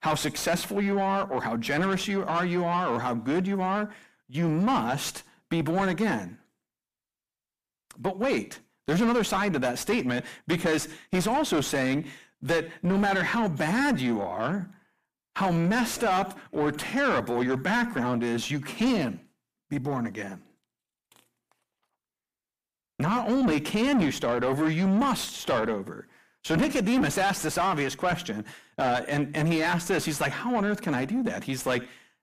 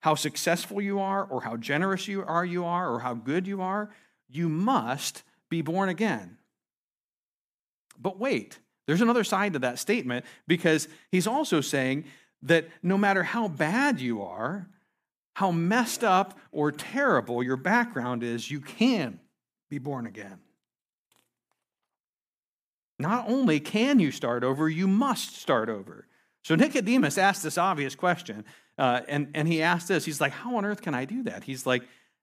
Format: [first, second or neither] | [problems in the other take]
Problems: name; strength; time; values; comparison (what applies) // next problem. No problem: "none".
second | distortion; heavy; 7 dB below the speech